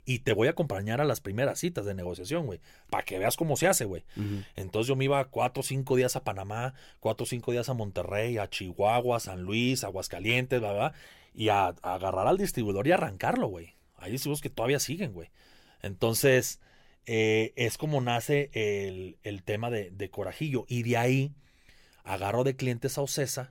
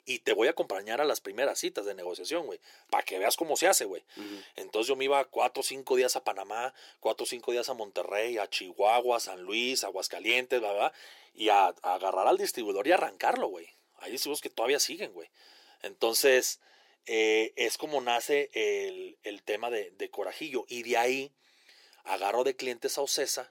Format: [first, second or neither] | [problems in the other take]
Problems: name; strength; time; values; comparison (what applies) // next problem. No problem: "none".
first | thin; very; fading below 350 Hz